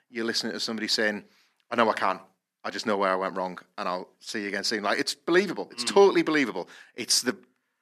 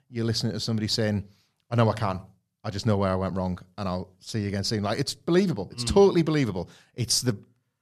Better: second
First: thin; somewhat; fading below 250 Hz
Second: none

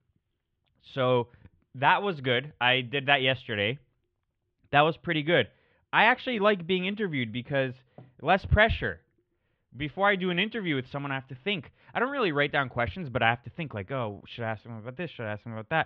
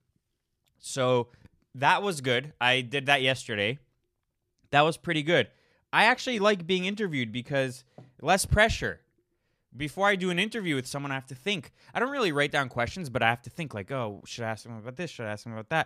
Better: second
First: muffled; very; fading above 3.5 kHz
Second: none

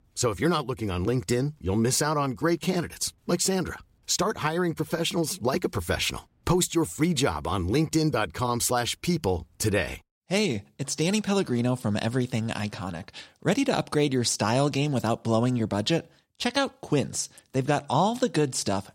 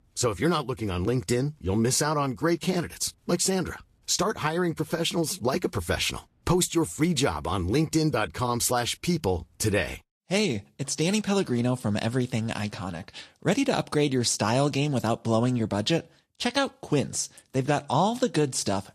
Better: first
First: none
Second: garbled, watery; slightly; nothing above 12.5 kHz

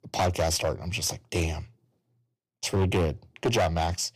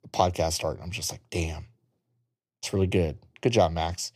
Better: second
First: distortion; heavy; 8% of the sound clipped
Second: none

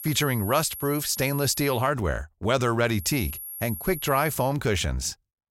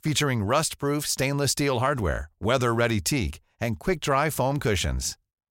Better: second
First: high-pitched whine; loud; until 2 s and from 3 to 4.5 s; 11.5 kHz, 10 dB below the speech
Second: none

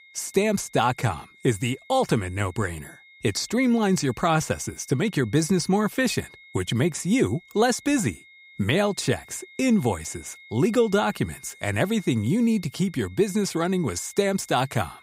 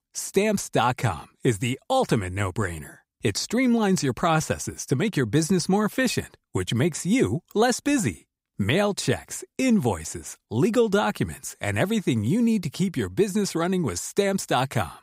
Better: second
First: high-pitched whine; faint; throughout; 2 kHz, 25 dB below the speech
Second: none

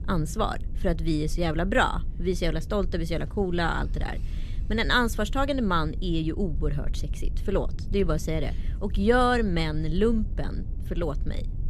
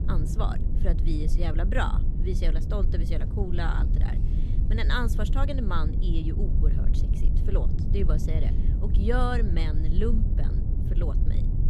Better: first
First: low rumble; faint; throughout; 25 dB below the speech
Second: low rumble; loud; throughout; 8 dB below the speech

